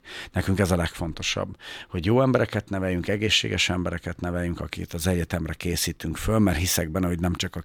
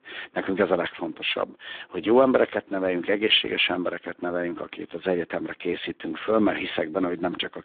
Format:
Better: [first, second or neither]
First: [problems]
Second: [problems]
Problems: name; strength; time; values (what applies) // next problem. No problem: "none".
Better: first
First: none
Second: phone-call audio; poor line; nothing above 3.5 kHz